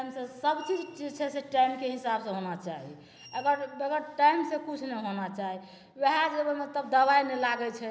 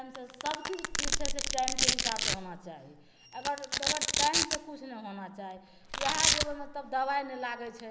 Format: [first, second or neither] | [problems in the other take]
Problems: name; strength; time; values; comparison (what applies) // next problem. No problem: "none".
first | background sound (Domestic sounds, home sounds); 4 dB above the speech